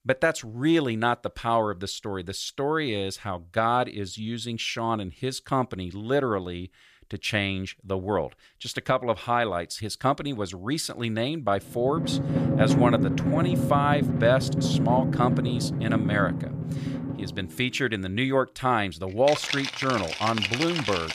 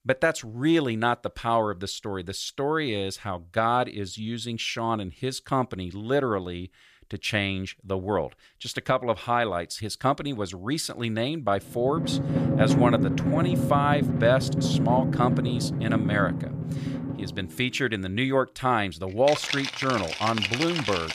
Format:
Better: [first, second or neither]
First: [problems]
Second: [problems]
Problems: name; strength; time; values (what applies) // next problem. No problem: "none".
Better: neither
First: background music; very loud; from 12 s on; as loud as the speech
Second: background music; very loud; from 12 s on; as loud as the speech